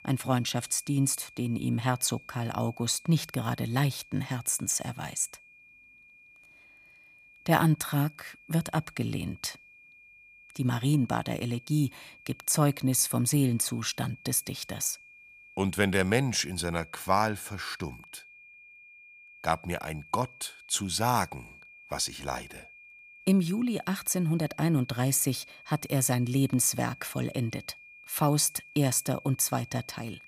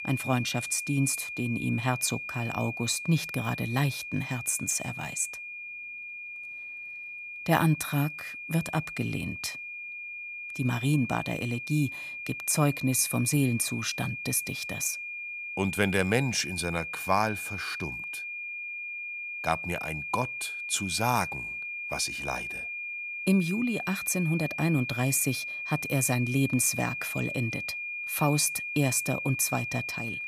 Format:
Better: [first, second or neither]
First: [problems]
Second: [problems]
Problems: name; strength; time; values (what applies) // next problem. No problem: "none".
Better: first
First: high-pitched whine; faint; throughout; 2.5 kHz, 20 dB below the speech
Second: high-pitched whine; loud; throughout; 2.5 kHz, 6 dB below the speech